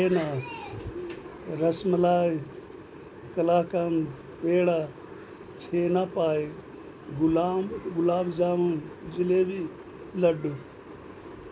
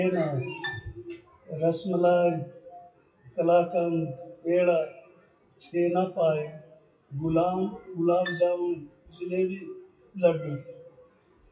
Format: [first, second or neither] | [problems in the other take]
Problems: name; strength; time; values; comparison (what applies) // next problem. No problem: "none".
first | noise reduction (classical method WPE with log-MMSE)